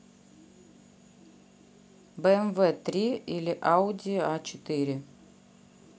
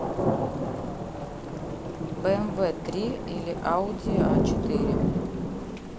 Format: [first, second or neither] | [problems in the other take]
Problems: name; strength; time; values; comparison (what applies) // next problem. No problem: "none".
first | background sound (Thunder / Rain); 4 dB above the speech